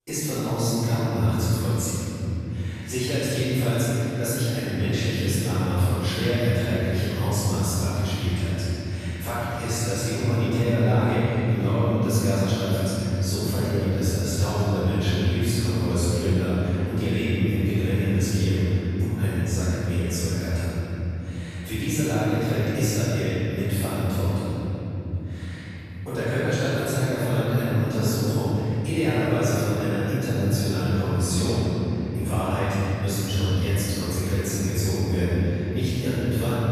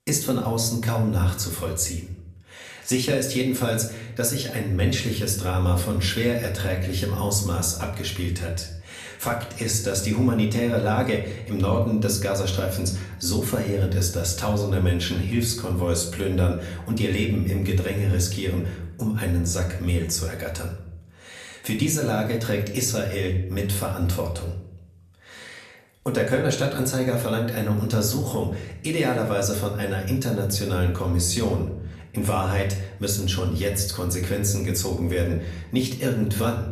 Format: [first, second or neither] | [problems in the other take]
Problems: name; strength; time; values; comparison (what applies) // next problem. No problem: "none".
second | room echo; strong; dies away in 3 s; slight in the second // off-mic speech; far; far in the second